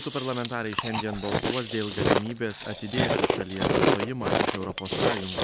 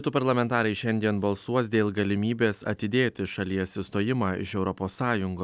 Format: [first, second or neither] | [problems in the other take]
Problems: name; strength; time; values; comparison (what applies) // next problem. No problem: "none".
second | background sound (Chewing, mastication); 5 dB above the speech